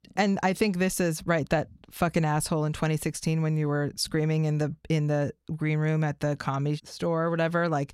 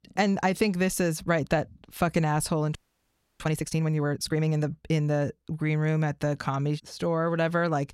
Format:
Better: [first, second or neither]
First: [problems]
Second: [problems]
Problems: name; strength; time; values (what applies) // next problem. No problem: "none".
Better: first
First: none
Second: audio freezing; at 3 s for 0.5 s